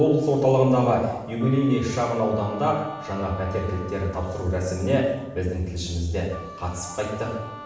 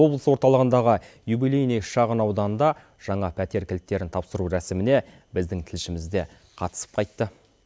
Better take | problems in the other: second | background sound (Wind instrument, woodwind instrument); 18 dB below the speech // room echo; dies away in 0.9 s

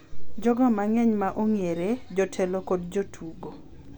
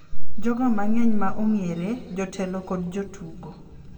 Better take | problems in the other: first | room echo; dies away in 1.6 s

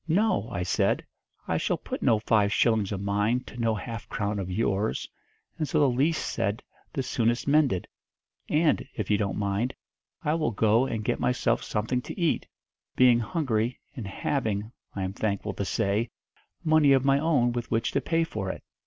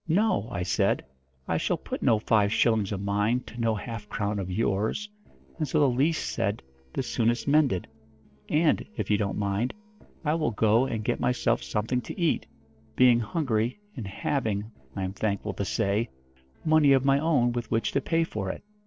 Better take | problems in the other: first | noise reduction (neural separator model SepFormer DNS4)

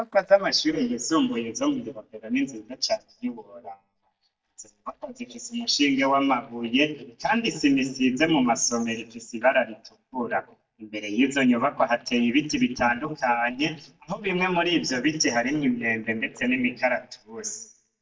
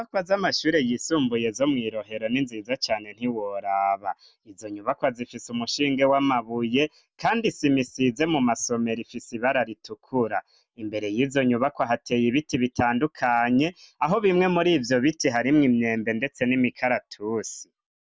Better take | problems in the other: second | noise reduction (neural mask model DeepFilterNet 3)

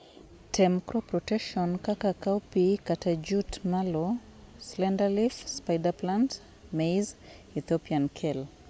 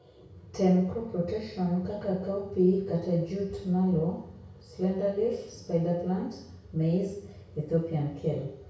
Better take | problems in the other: first | room echo; dies away in 0.6 s

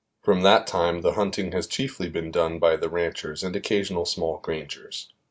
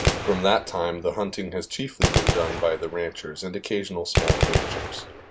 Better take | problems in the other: first | background sound (Gunshot, gunfire); 1 dB above the speech

